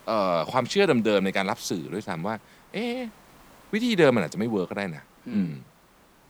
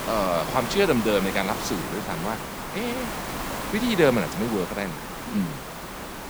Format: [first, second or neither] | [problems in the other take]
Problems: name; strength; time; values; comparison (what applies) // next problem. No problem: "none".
first | hiss; loud; throughout; 6 dB below the speech; faint in the first